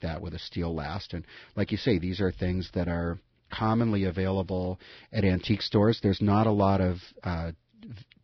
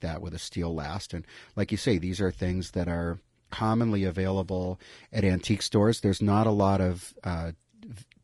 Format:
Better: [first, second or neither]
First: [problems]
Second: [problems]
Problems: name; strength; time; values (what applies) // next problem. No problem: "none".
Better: second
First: garbled, watery; badly; nothing above 5 kHz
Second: garbled, watery; slightly; nothing above 11 kHz